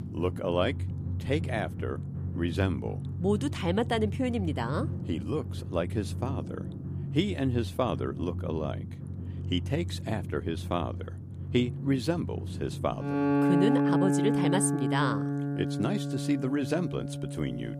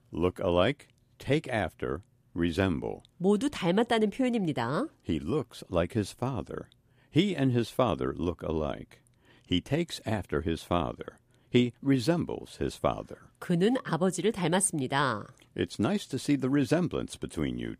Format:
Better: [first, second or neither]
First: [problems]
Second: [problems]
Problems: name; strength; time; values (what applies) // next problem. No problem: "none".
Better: second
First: background music; loud; throughout; 1 dB below the speech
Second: none